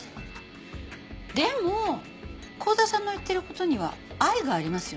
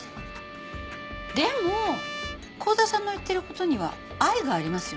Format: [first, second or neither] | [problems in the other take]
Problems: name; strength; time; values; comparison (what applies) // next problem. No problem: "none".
first | background sound (Trumpet); 13 dB below the speech